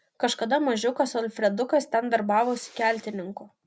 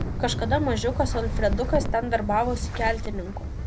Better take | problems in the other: first | background sound (Wind); 1 dB below the speech

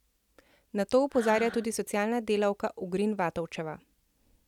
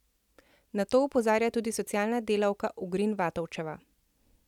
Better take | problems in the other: second | background sound (Breathing); 15 dB below the speech

